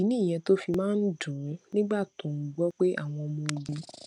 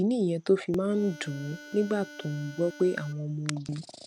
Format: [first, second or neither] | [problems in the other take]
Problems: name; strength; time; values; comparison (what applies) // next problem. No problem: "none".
first | background sound (Harmonica); 17 dB below the speech